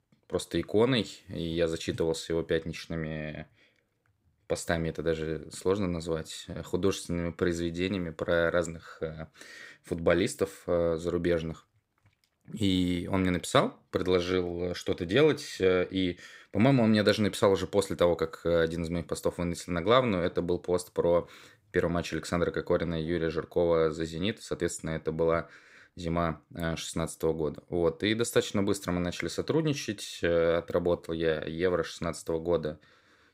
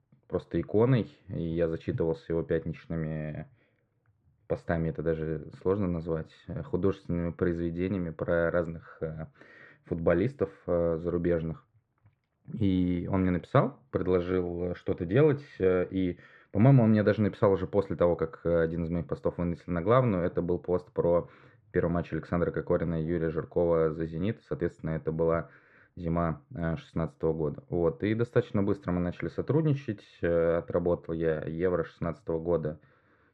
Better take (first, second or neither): first